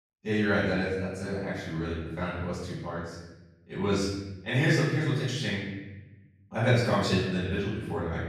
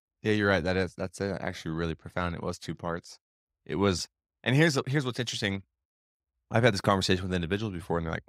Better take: second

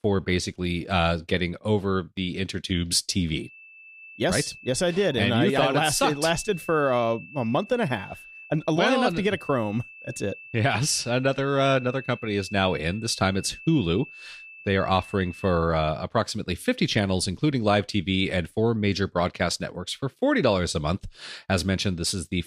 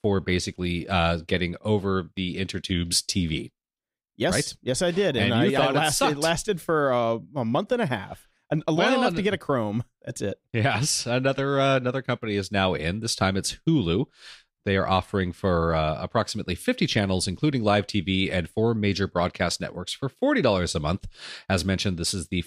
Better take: second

